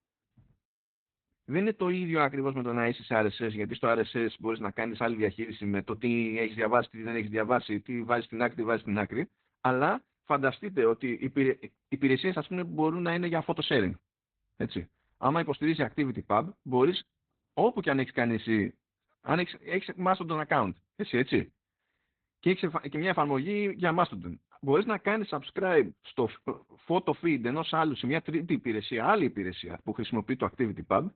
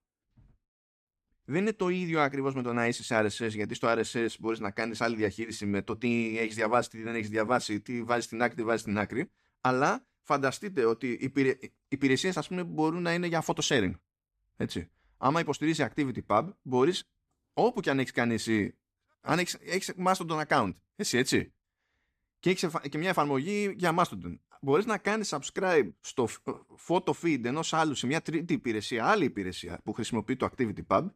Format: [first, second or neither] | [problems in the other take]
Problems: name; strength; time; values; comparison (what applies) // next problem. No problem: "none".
second | garbled, watery; badly; nothing above 4 kHz